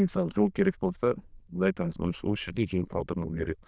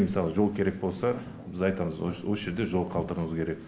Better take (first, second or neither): second